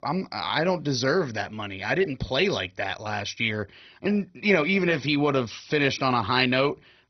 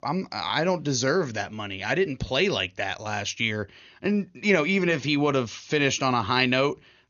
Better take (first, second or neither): second